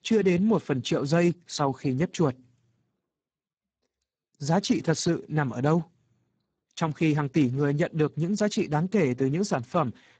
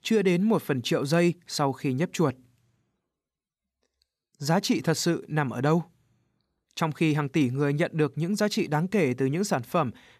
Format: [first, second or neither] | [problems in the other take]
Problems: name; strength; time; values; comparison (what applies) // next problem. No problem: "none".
second | garbled, watery; badly; nothing above 7.5 kHz